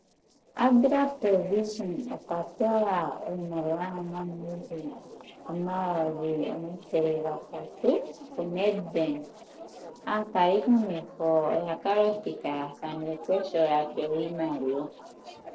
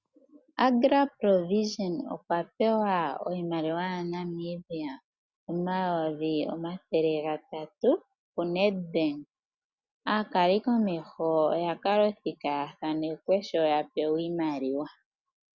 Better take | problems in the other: second | noise reduction (neural separator model SepFormer DNS4)

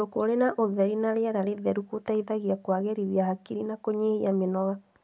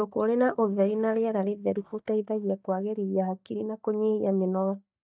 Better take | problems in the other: first | noise reduction (neural mask model DeepFilterNet 3)

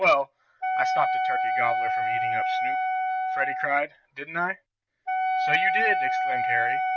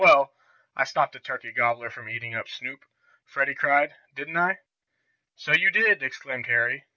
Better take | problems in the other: second | background sound (Wind instrument, woodwind instrument); 2 dB above the speech

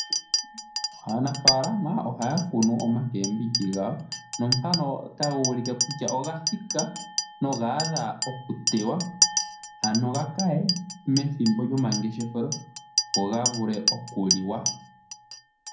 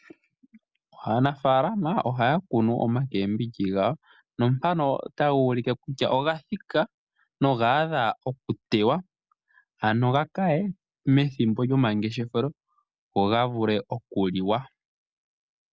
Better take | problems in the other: second | background sound (Chink, clink); 3 dB below the speech // room echo; dies away in 0.6 s

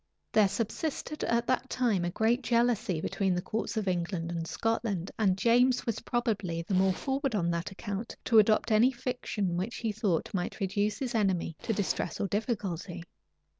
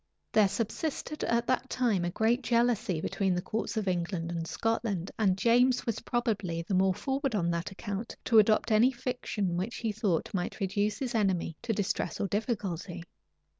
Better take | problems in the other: second | background sound (Zipper (clothing)); 17 dB below the speech

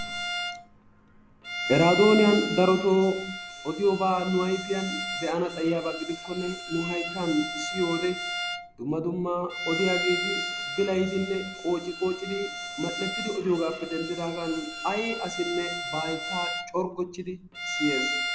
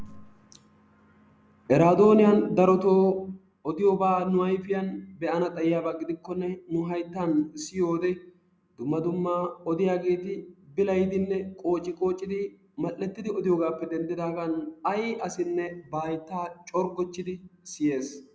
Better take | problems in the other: second | background sound (Bowed string instrument); 6 dB below the speech

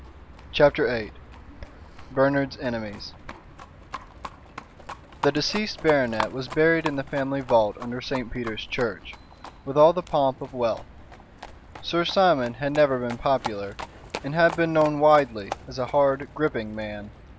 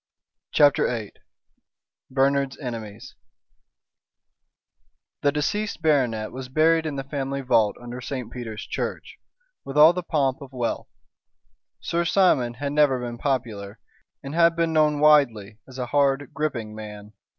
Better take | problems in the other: second | background sound (Livestock, farm animals, working animals); 14 dB below the speech

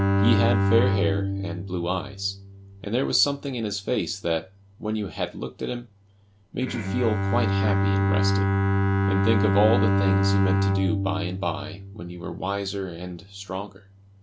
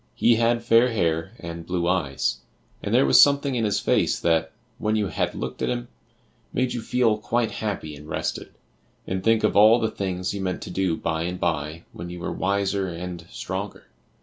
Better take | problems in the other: second | background sound (Bowed string instrument); 3 dB above the speech

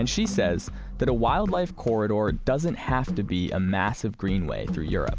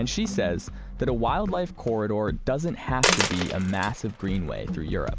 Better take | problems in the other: first | background sound (Coin (dropping)); 6 dB below the speech

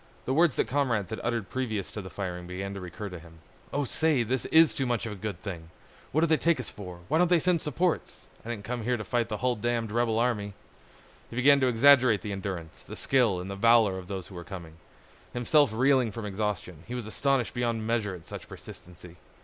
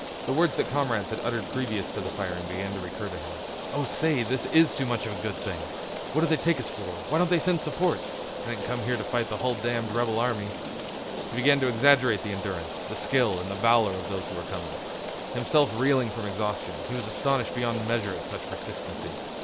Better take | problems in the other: first | background sound (Rain); 6 dB below the speech

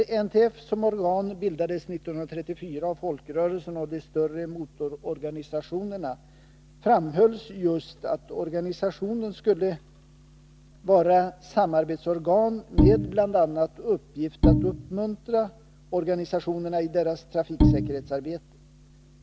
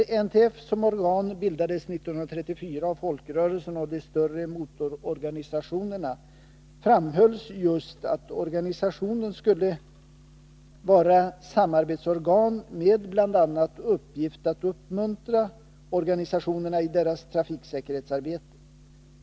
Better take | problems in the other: second | background sound (Bowed string instrument); 3 dB above the speech

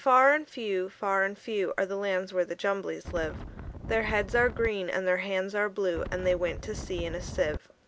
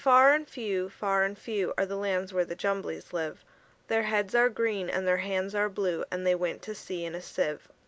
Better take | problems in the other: second | background sound (Wind); 10 dB below the speech

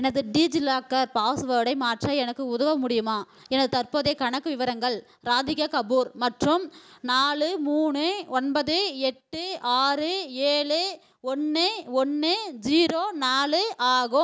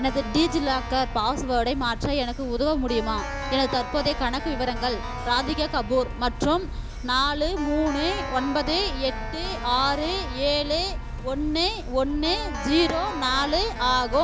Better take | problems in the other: first | background sound (Keyboard (musical)); 6 dB below the speech

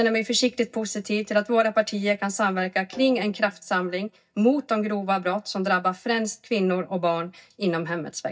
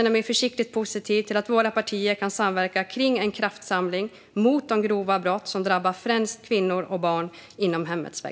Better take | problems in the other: second | noise reduction (neural mask model DeepFilterNet 3)

